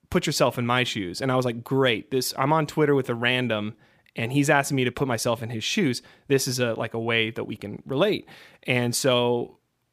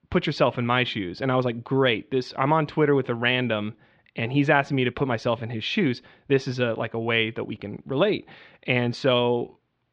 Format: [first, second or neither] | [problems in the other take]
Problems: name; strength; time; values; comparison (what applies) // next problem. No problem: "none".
first | muffled; slightly; fading above 4 kHz